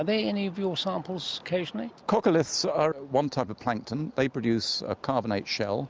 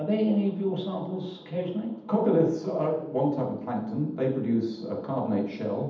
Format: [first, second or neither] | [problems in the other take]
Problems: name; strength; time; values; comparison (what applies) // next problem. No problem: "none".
first | room echo; dies away in 0.8 s